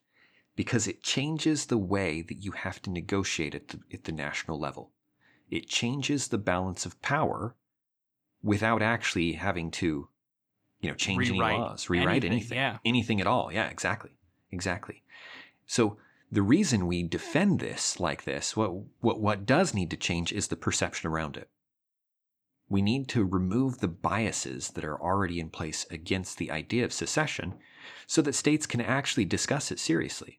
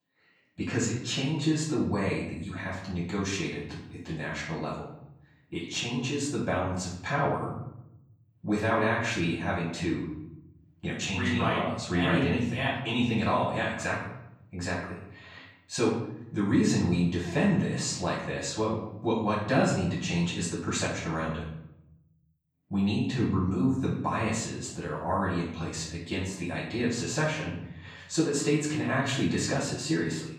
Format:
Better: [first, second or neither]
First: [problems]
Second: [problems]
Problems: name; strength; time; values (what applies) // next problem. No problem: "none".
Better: first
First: none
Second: room echo; noticeable; dies away in 0.8 s // off-mic speech; far